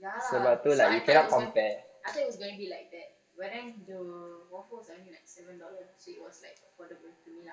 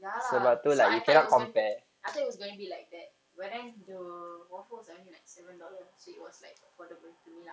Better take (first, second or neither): second